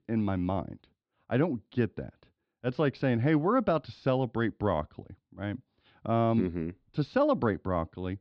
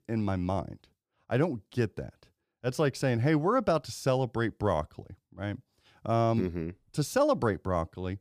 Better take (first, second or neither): second